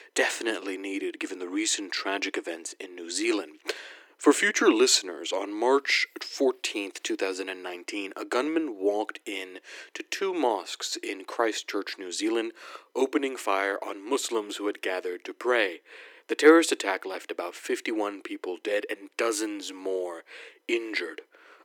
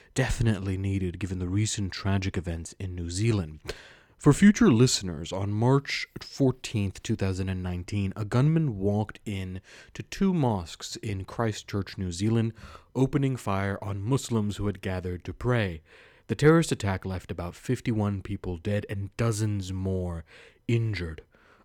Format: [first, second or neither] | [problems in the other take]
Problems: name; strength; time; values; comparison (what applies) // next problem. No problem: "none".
second | thin; very; fading below 300 Hz